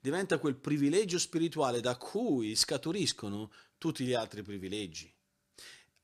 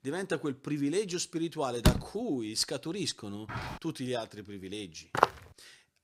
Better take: first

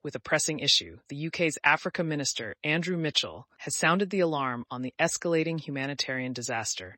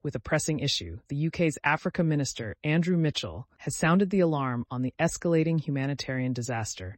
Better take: second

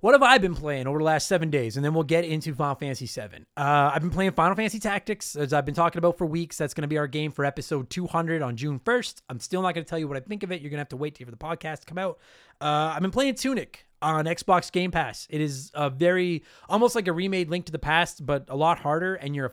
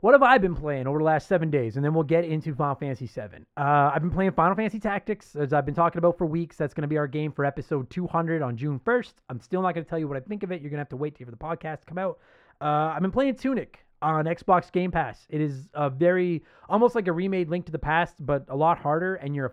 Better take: first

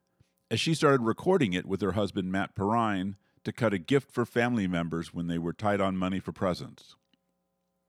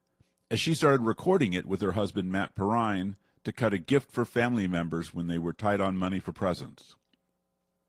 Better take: first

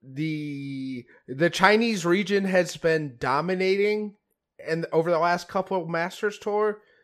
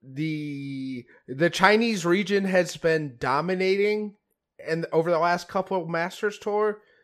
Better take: neither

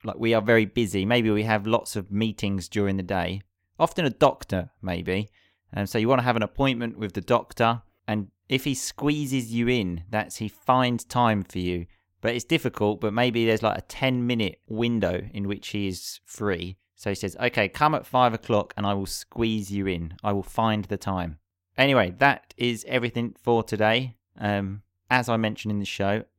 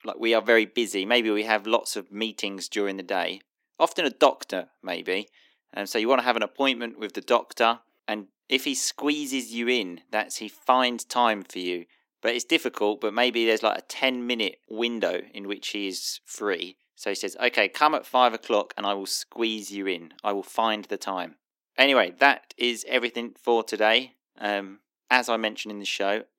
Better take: first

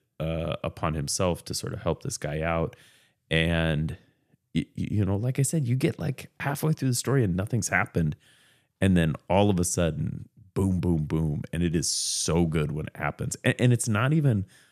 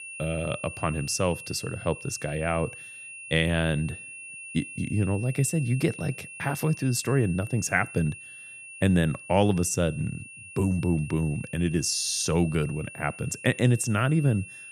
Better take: first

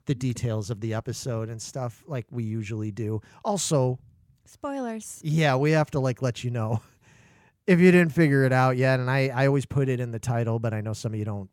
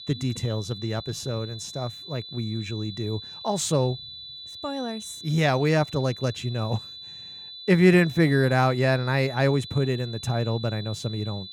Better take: first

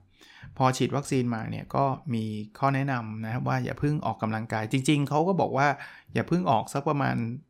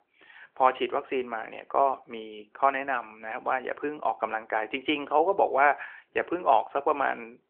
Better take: first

